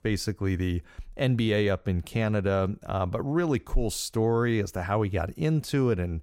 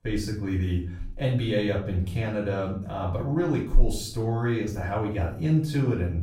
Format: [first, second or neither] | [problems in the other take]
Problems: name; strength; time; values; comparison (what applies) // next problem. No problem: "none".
first | off-mic speech; far // room echo; noticeable; dies away in 0.4 s